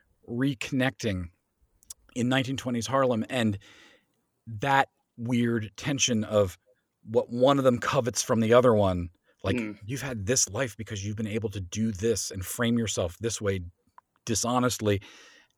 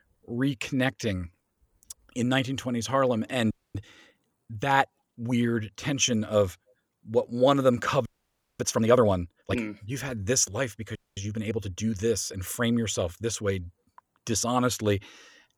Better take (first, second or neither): first